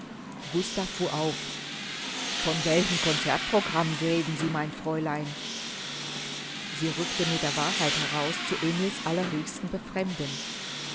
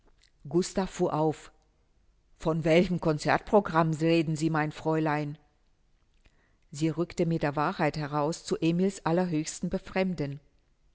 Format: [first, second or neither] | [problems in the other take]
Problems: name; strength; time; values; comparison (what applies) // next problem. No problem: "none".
second | background sound (Tools); 2 dB below the speech